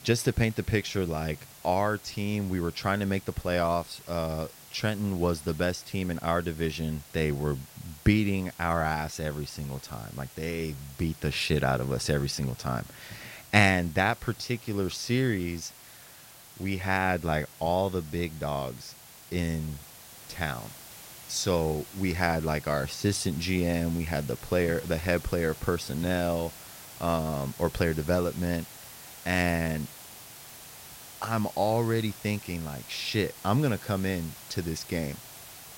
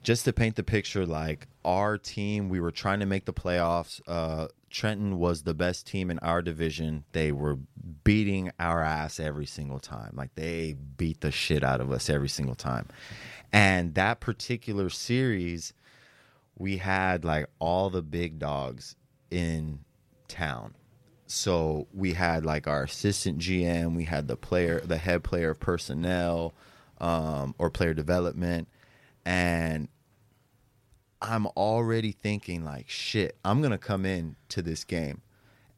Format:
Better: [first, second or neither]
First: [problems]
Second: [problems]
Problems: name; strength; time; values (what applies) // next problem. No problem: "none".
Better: second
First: hiss; noticeable; throughout; 15 dB below the speech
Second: none